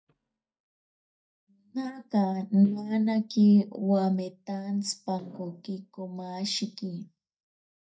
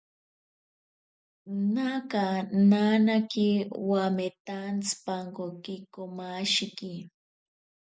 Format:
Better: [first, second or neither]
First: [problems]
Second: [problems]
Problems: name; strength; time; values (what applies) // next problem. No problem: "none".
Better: second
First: noise reduction (neural mask model DeepFilterNet 3)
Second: none